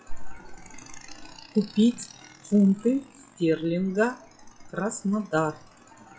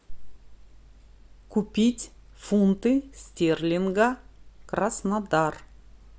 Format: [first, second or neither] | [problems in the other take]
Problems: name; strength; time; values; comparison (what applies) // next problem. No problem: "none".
second | noise reduction (classical method WPE with log-MMSE)